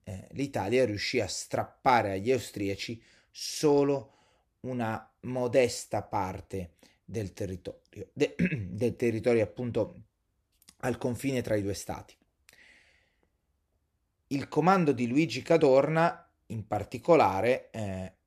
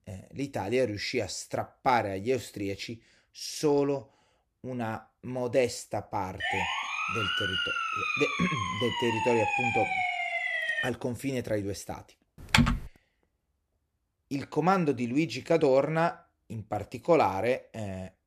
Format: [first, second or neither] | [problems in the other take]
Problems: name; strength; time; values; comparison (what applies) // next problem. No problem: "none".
first | siren; loud; from 6.5 to 11 s; peak 3 dB above the speech // keyboard typing; loud; at 13 s; peak 6 dB above the speech